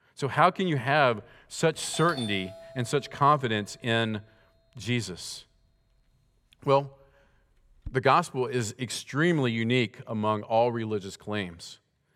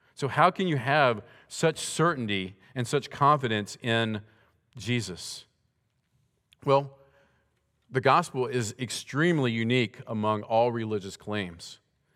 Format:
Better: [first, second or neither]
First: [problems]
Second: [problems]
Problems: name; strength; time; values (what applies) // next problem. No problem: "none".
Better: second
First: doorbell; noticeable; from 2 to 8 s; peak 9 dB below the speech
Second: none